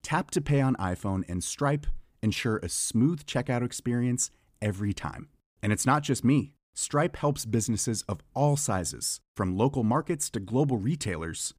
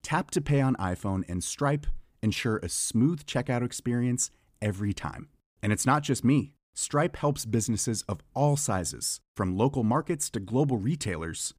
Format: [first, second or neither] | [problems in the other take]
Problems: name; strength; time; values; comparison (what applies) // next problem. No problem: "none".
neither | none